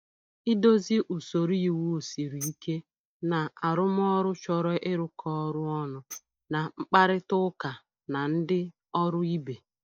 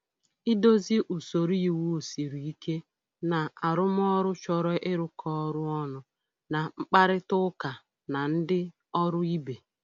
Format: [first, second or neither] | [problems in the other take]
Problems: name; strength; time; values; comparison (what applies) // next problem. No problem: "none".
second | noise reduction (neural mask model DeepFilterNet 3)